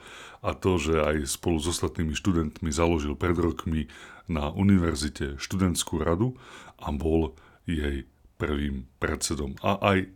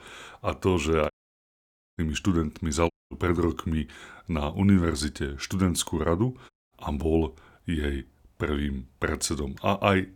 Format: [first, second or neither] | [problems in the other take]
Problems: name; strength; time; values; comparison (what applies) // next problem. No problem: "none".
first | audio cutting out; at 1 s for 1 s, at 3 s and at 6.5 s